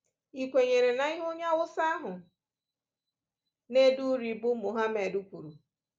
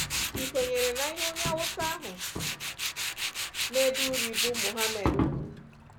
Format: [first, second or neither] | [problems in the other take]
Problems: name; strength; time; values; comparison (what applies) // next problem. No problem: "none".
first | background sound (Tools); 2 dB above the speech